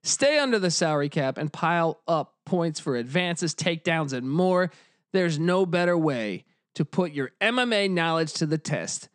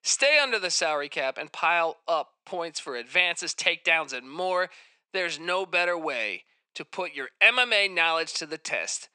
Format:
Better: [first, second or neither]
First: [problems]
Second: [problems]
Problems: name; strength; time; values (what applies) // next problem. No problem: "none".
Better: first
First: none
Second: thin; very; fading below 700 Hz